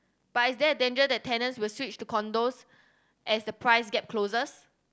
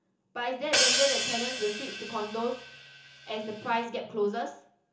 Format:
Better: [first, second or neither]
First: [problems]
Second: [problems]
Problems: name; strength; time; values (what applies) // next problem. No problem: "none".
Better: first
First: none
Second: background sound (Hi-hat); 2 dB above the speech // room echo; dies away in 0.8 s